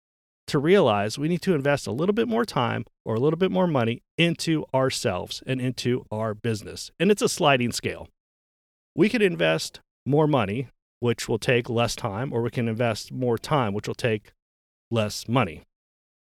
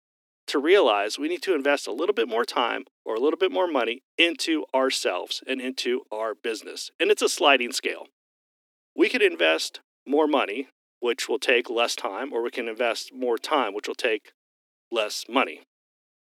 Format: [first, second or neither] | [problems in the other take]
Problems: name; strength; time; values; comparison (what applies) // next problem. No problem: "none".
first | thin; somewhat; fading below 250 Hz